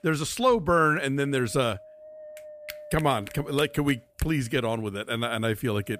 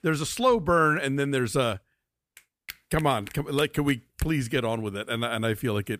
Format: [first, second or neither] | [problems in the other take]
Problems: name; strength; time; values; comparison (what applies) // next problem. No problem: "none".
second | wind noise on the microphone; occasional gusts; 20 dB below the speech